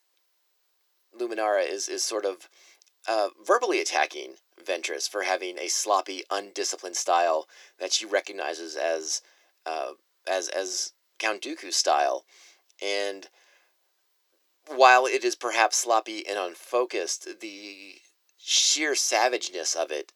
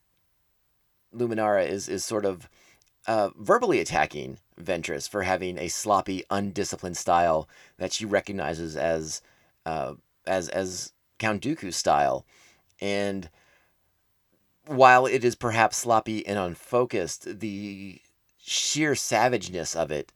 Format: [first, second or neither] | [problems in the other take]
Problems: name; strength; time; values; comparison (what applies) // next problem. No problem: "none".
second | thin; very; fading below 350 Hz